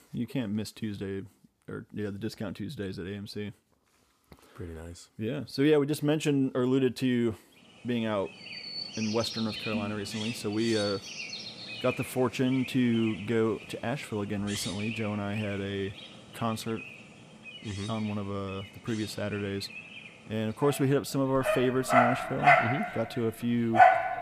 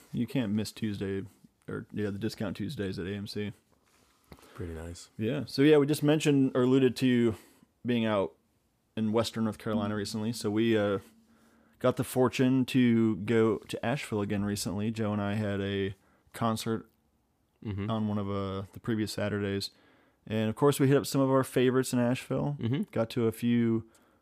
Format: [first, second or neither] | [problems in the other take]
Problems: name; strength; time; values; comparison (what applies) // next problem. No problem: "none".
second | animal sounds; very loud; from 7.5 s on; as loud as the speech